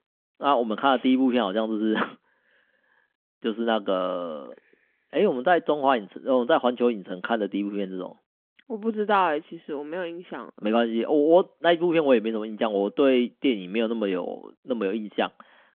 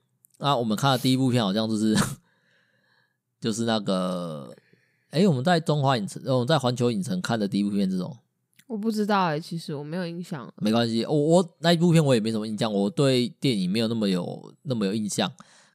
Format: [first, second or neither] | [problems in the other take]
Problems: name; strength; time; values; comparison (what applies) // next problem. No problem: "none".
second | phone-call audio; nothing above 3.5 kHz